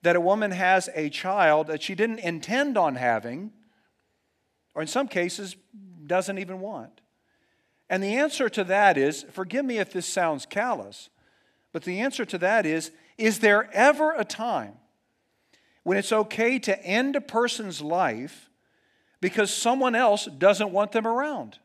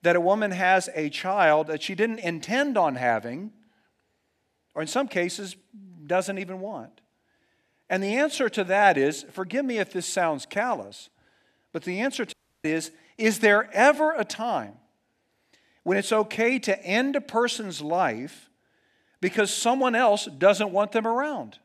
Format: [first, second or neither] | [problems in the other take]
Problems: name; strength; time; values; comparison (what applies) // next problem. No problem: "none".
first | audio cutting out; at 12 s